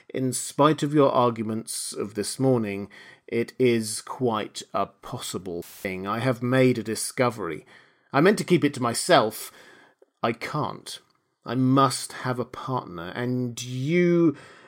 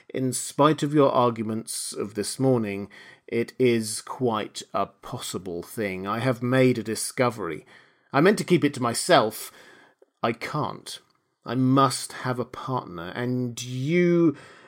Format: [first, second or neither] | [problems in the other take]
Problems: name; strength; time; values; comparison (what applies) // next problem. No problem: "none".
second | audio cutting out; filled with static; at 5.5 s